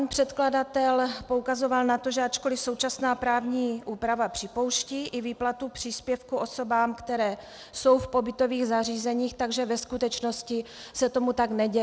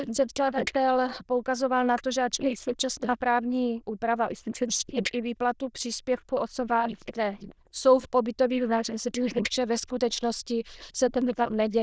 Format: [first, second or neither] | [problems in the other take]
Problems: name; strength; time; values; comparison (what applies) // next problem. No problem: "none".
first | noise reduction (neural diffusion model UNIVERSE++)